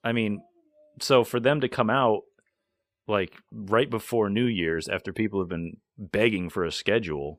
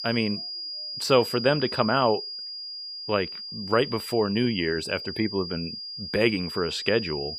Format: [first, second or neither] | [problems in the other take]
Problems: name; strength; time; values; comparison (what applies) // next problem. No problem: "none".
first | high-pitched whine; loud; throughout; 5 kHz, 7 dB below the speech